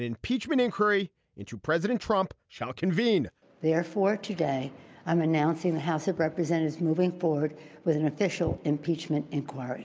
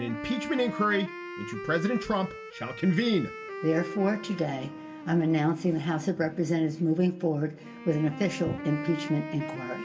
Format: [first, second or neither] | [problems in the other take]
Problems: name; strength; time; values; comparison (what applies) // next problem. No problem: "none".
first | background sound (Wind instrument, woodwind instrument); 11 dB below the speech // room echo; dies away in 0.2 s